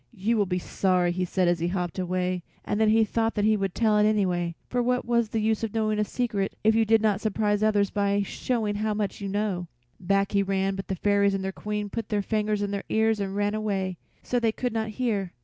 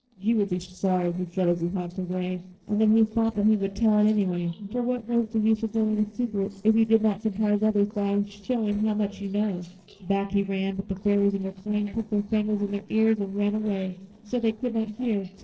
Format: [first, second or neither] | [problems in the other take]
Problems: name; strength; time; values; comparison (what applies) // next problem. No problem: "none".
first | noise reduction (neural separator model SepFormer DNS4)